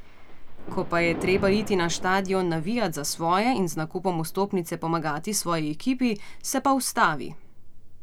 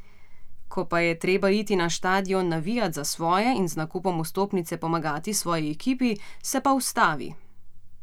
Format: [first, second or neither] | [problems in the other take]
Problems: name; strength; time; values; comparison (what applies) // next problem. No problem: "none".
second | background sound (Thunder); 16 dB below the speech